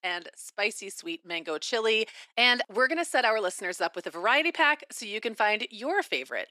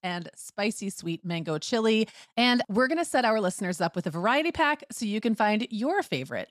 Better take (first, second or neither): second